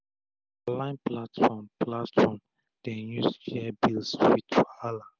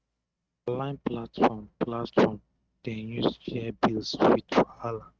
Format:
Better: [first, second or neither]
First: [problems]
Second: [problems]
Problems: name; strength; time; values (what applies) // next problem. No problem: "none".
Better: first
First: none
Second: noise reduction (neural mask model RNNoise)